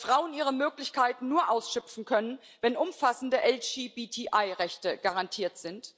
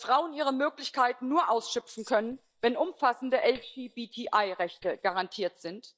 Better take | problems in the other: first | noise reduction (neural mask model DeepFilterNet 3)

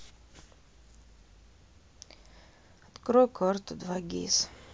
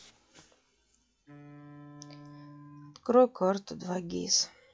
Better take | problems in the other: first | noise reduction (classical method log-MMSE)

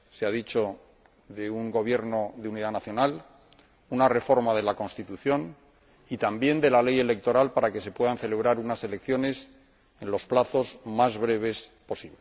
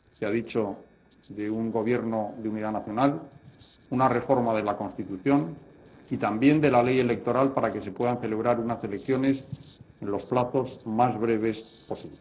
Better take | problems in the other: first | noise reduction (neural separator model SepFormer DNS4)

